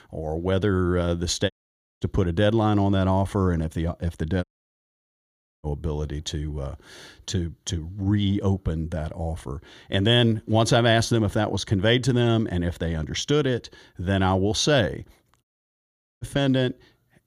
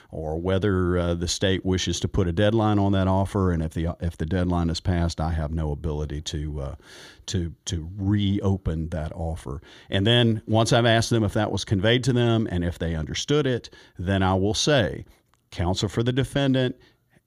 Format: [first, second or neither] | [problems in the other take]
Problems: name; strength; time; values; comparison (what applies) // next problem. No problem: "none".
second | audio cutting out; at 1.5 s for 0.5 s, at 4.5 s for 1 s and at 15 s for 1 s